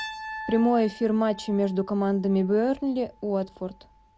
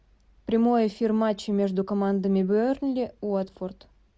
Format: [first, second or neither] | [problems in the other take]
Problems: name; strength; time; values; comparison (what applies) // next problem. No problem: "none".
second | background sound (Piano); 17 dB below the speech